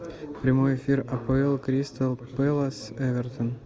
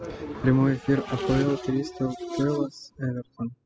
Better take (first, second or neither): first